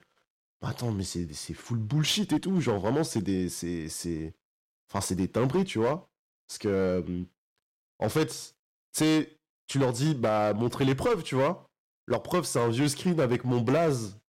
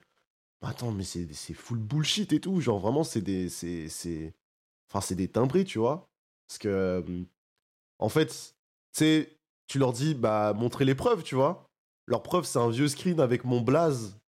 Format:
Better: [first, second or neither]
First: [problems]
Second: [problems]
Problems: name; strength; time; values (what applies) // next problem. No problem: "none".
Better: second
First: distortion; slight; 7% of the sound clipped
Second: none